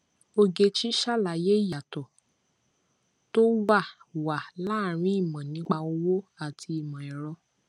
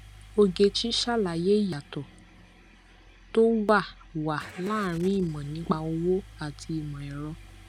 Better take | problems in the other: first | background sound (Engine starting / Car); 20 dB below the speech

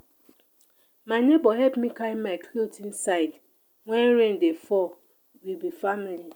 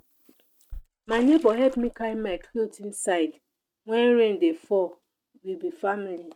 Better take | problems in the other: first | noise reduction (neural mask model RNNoise)

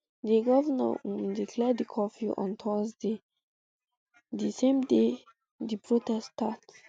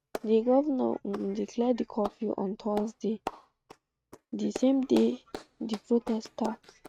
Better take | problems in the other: first | noise reduction (neural mask model RNNoise)

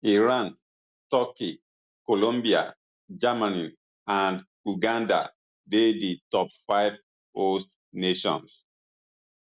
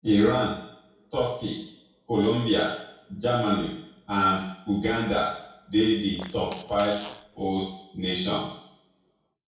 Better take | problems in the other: first | background sound (Fart); 18 dB below the speech // room echo; dies away in 0.6 s

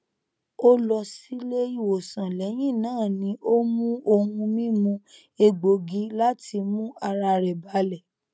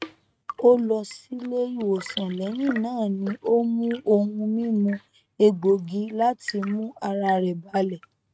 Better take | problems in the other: first | noise reduction (neural mask model RNNoise)

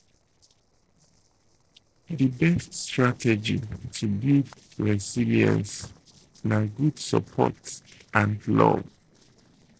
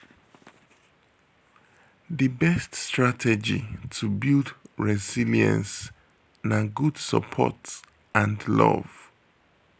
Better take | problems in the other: second | noise reduction (neural separator model SepFormer DNS4)

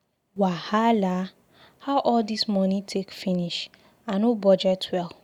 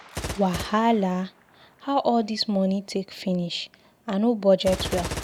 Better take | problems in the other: first | background sound (Gunshot, gunfire); 13 dB below the speech

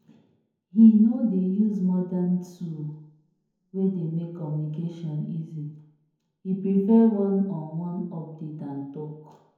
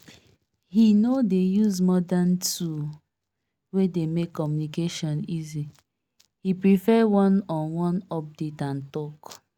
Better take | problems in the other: second | room echo; dies away in 0.9 s

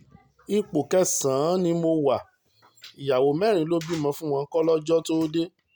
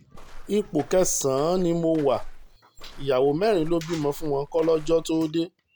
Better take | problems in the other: first | background sound (Walk, footsteps); 12 dB below the speech

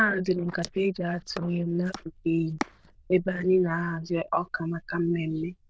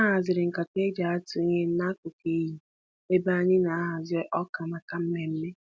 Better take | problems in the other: second | noise reduction (neural diffusion model UNIVERSE++)

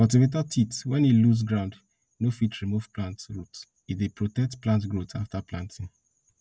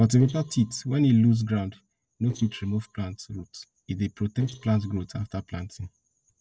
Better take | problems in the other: first | noise reduction (neural separator model SepFormer DNS4)

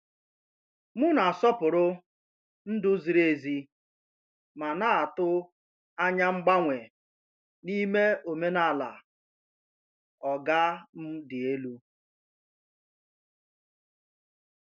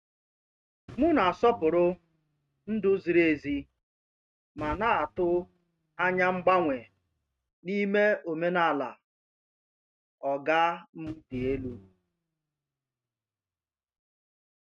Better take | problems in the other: first | noise reduction (neural mask model RNNoise)

